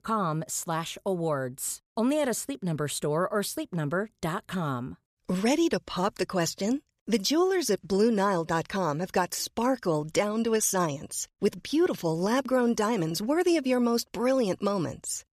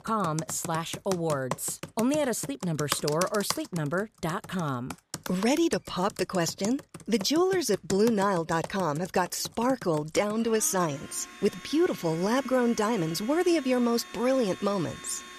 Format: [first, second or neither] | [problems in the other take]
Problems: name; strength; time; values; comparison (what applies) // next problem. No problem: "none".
first | household noises; noticeable; throughout; 10 dB below the speech